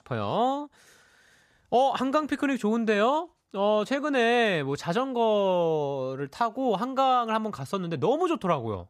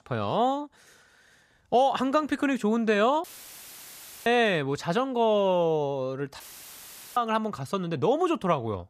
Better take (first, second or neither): first